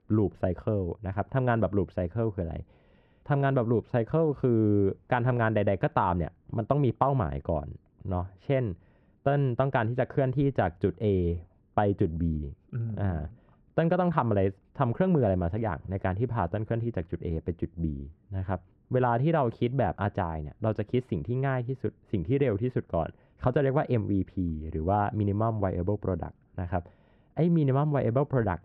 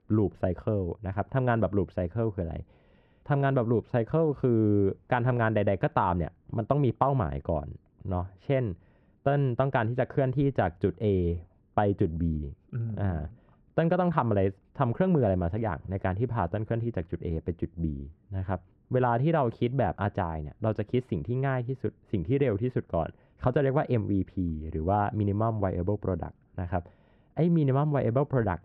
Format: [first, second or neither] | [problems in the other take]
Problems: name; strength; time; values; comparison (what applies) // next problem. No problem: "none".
neither | muffled; very; fading above 1.5 kHz; the same in both